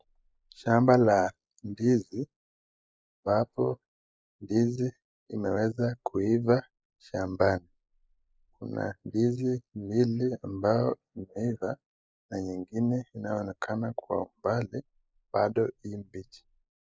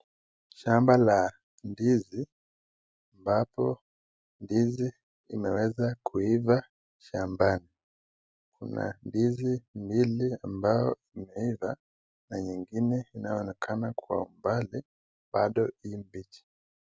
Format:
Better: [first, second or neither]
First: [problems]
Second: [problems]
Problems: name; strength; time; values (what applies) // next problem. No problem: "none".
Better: second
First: noise reduction (neural mask model Resemble Enhance denoiser)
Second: none